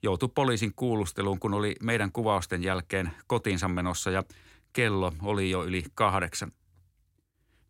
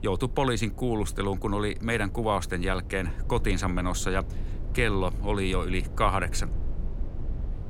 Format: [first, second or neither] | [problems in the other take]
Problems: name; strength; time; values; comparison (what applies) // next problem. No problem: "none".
first | low rumble; faint; throughout; 20 dB below the speech